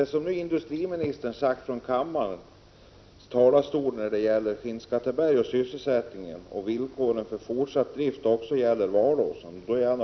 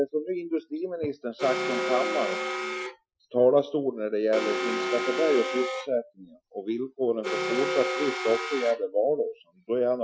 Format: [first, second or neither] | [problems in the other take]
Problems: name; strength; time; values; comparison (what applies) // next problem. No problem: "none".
first | noise reduction (classical method Wiener filter)